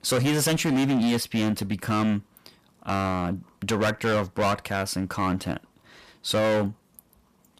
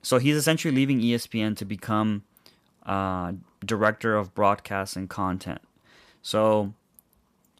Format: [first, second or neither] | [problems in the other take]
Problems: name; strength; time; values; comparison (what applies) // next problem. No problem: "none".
second | distortion; heavy; 15% of the sound clipped